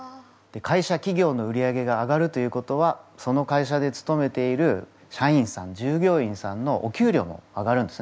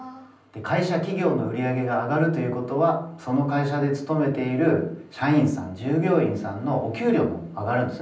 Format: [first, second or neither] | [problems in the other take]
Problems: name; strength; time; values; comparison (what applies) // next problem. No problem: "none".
first | room echo; dies away in 0.6 s